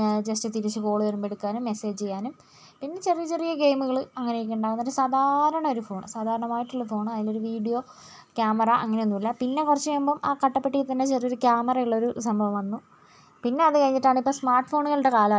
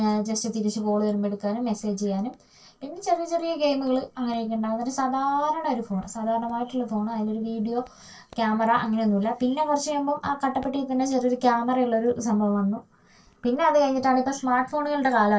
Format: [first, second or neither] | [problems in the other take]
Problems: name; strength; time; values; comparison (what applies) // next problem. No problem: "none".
first | noise reduction (neural separator model SepFormer DNS4)